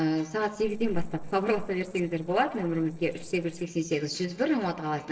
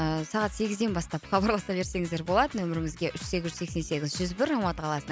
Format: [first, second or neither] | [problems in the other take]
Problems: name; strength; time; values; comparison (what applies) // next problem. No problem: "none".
second | noise reduction (neural separator model SepFormer DNS4)